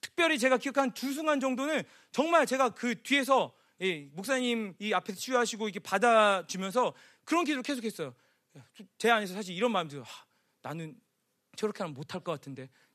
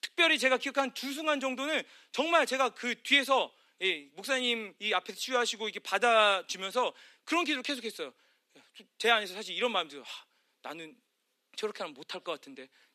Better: first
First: none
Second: thin; very slightly; fading below 250 Hz

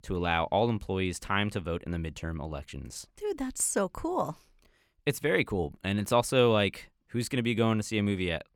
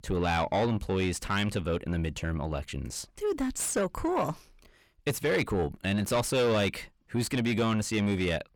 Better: first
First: none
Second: distortion; heavy; 7 dB below the speech

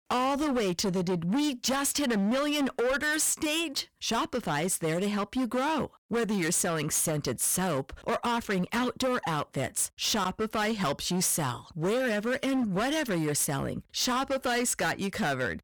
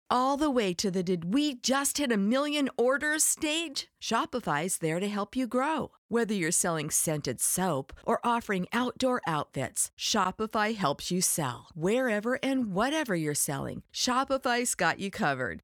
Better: second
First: distortion; heavy; 22% of the sound clipped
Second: none

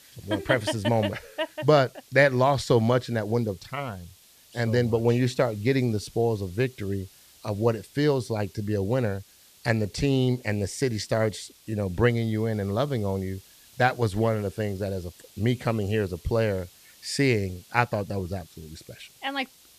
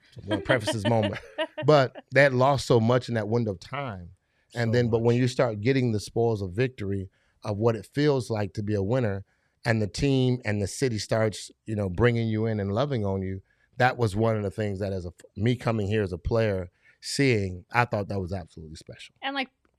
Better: second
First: hiss; faint; throughout; 25 dB below the speech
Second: none

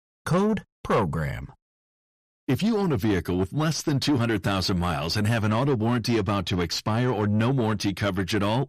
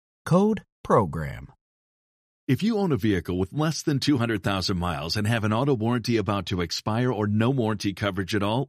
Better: second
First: distortion; slight; 10 dB below the speech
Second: none

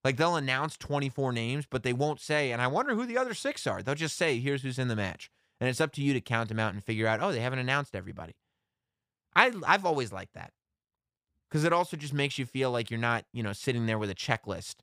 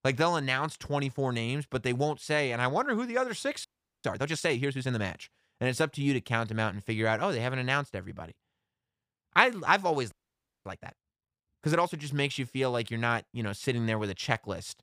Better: first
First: none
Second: audio freezing; at 3.5 s and at 10 s for 0.5 s

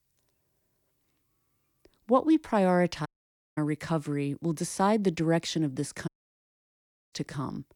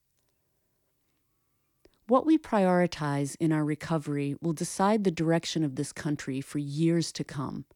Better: second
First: audio cutting out; at 3 s for 0.5 s and at 6 s for 1 s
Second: none

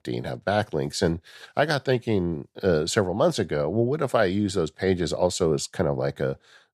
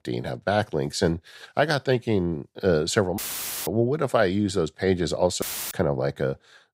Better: first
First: none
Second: audio cutting out; filled with static; at 3 s and at 5.5 s

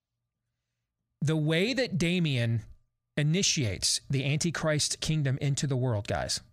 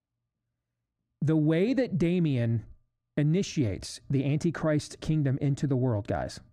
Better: first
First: none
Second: muffled; slightly; fading above 2 kHz

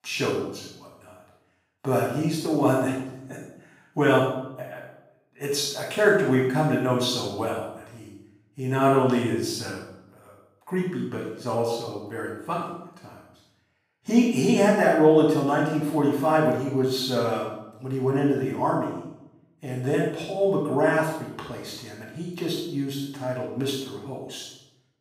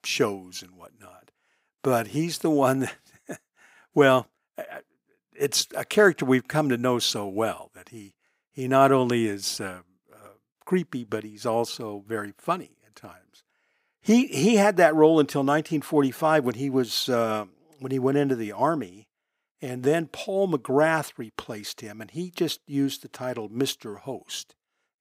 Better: second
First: off-mic speech; far // room echo; noticeable; dies away in 0.7 s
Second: none

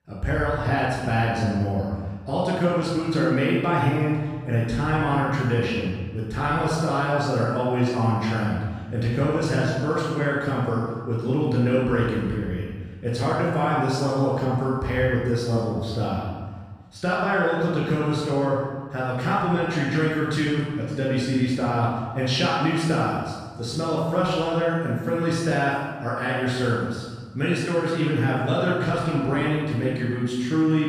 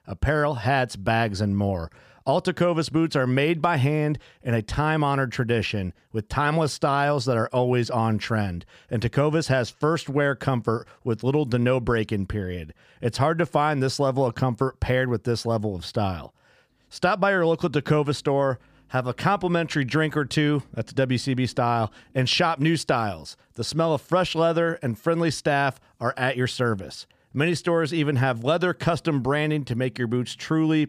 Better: second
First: off-mic speech; far // room echo; strong; dies away in 1.2 s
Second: none

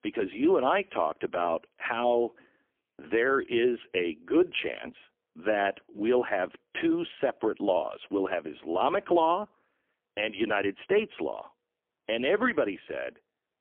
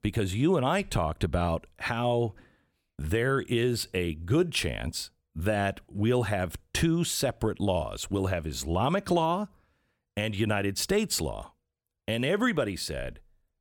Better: second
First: phone-call audio; poor line; nothing above 3.5 kHz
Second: none

